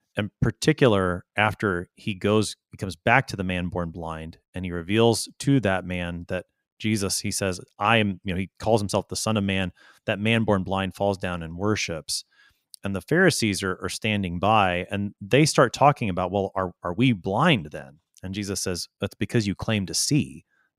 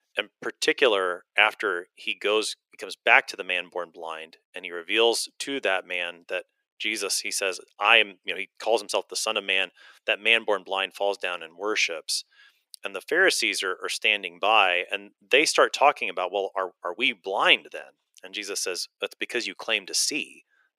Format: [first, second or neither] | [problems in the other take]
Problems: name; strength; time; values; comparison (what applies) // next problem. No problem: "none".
first | thin; very; fading below 400 Hz